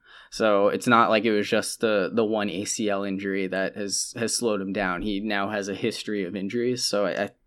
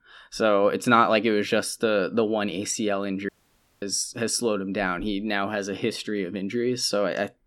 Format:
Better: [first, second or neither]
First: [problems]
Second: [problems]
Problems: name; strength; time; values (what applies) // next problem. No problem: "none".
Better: first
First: none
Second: audio cutting out; at 3.5 s for 0.5 s